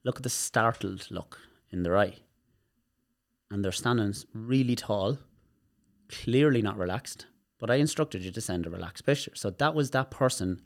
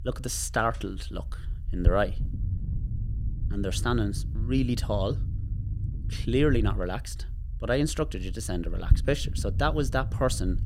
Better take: first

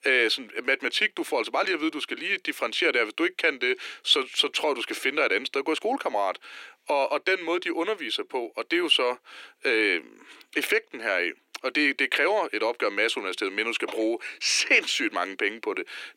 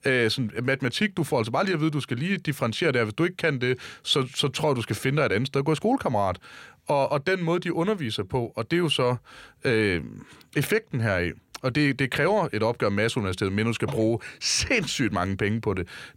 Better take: second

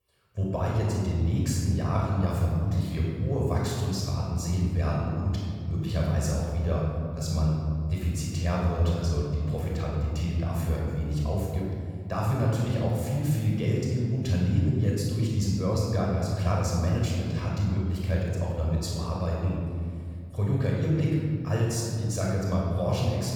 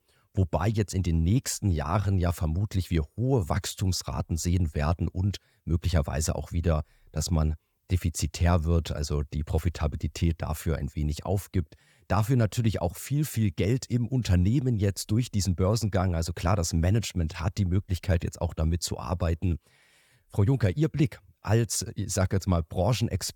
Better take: second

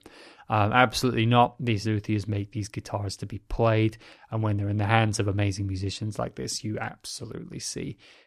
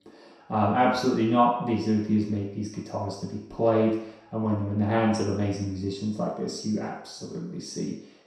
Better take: first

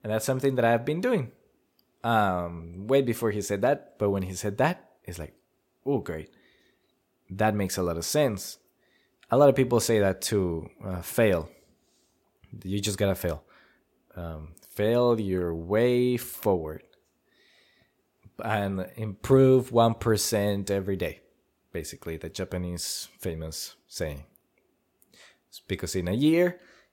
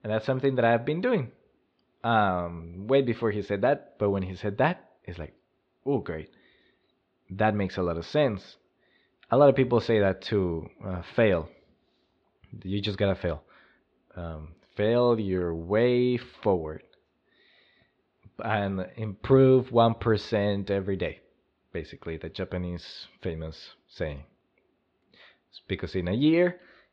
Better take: first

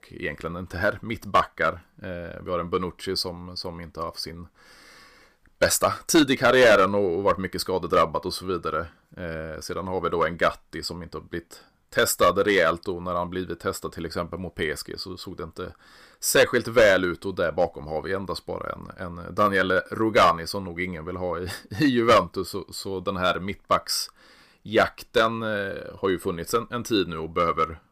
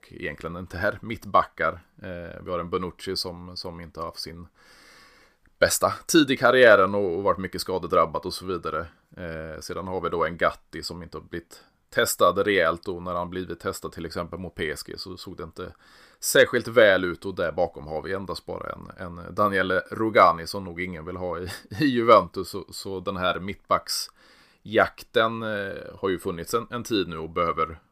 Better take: second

